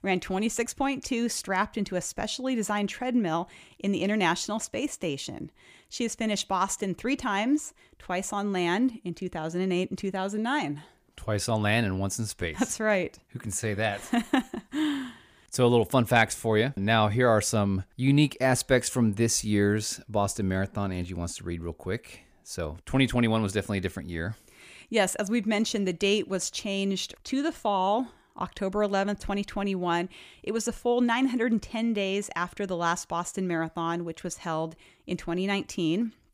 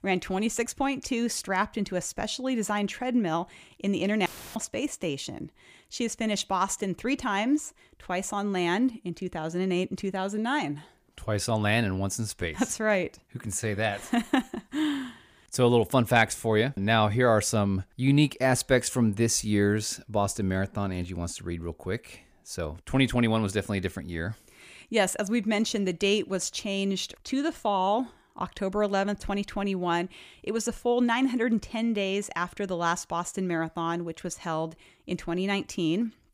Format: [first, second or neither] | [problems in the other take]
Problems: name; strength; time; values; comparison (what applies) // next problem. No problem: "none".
first | audio cutting out; filled with static; at 4.5 s